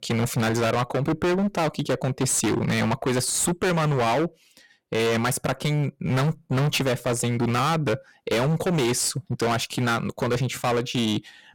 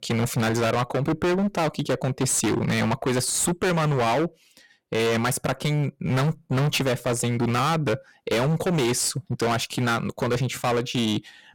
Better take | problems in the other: neither | distortion; heavy; 27% of the sound clipped; the same in both

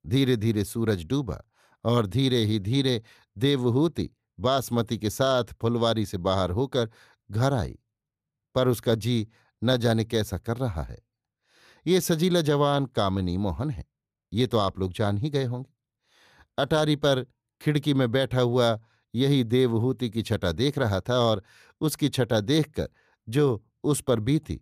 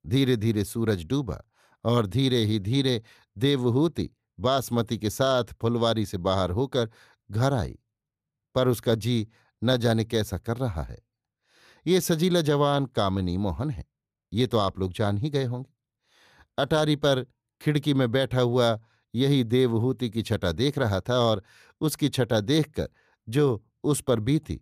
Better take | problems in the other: neither | none

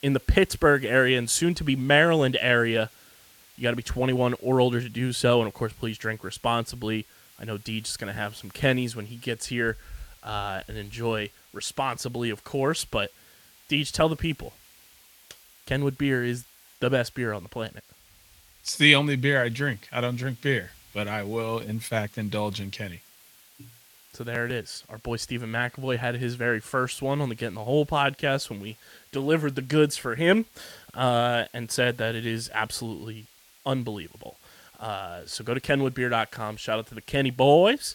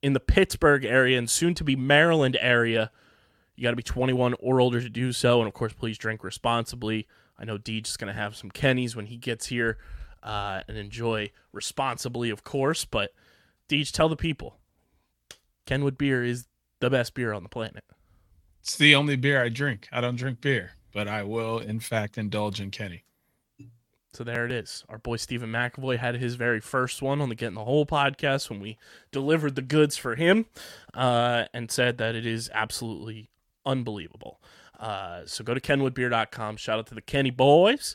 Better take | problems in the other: second | hiss; faint; throughout; 25 dB below the speech

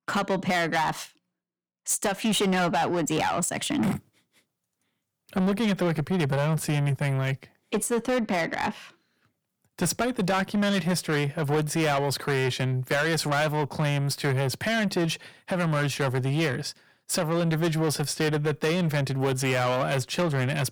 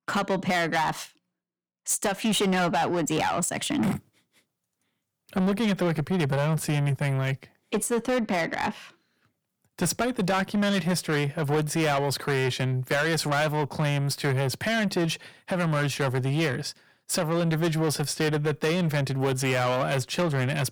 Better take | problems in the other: neither | distortion; heavy; 7 dB below the speech; the same in both

